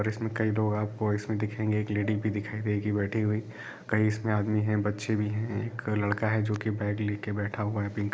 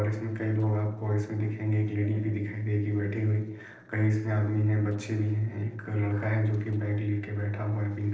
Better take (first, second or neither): first